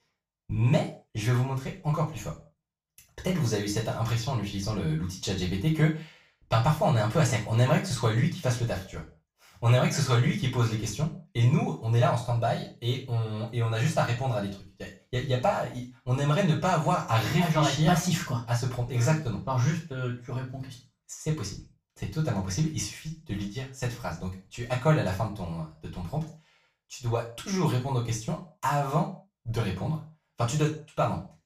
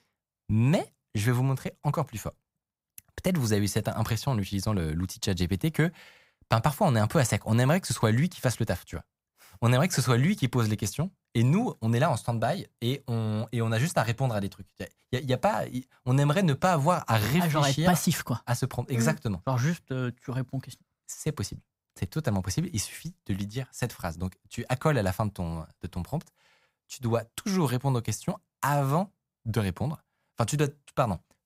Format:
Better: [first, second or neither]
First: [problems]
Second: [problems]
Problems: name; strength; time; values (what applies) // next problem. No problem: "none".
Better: second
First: room echo; slight; dies away in 0.3 s // off-mic speech; far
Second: none